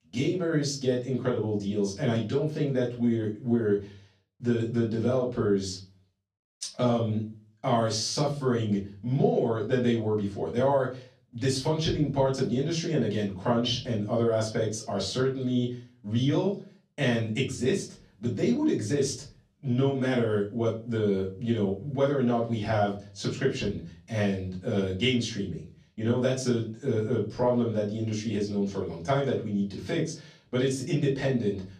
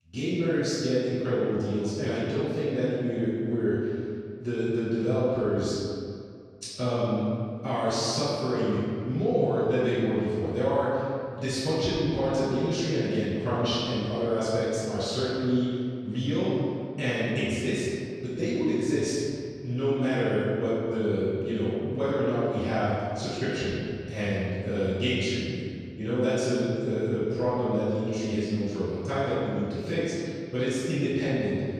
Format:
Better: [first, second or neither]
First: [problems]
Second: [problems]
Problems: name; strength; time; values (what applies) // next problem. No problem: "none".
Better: first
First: room echo; slight; dies away in 0.4 s // off-mic speech; far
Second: room echo; strong; dies away in 2 s // off-mic speech; far